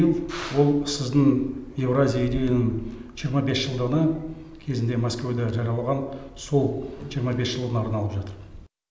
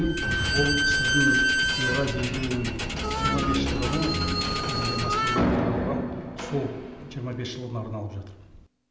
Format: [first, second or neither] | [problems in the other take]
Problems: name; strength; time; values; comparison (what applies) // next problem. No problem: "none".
first | background sound (Harmonica + Squeak / Slam); 4 dB above the speech